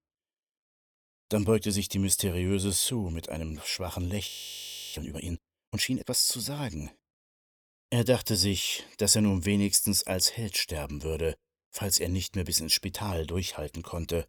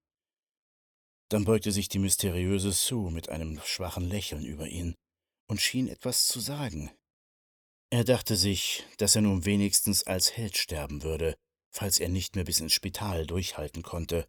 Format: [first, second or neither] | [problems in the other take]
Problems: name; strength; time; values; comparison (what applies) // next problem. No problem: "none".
second | audio freezing; at 4.5 s for 0.5 s